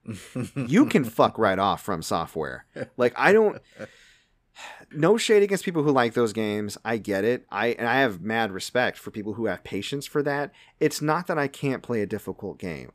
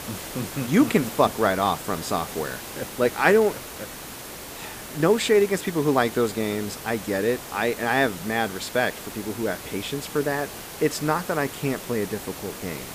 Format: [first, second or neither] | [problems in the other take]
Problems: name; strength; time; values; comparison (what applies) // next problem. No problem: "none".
first | hiss; noticeable; throughout; 10 dB below the speech